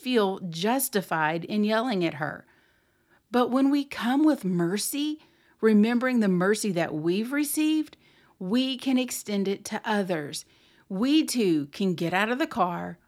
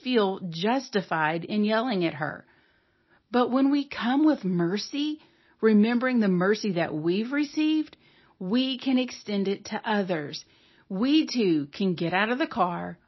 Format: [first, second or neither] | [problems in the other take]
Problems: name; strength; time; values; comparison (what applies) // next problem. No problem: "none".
first | garbled, watery; slightly; nothing above 5.5 kHz